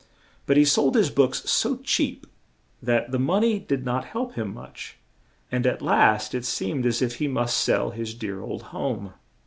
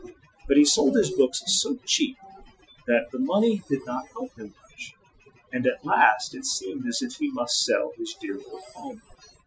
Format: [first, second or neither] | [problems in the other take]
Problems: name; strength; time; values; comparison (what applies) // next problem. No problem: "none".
first | noise reduction (classical method Wiener filter)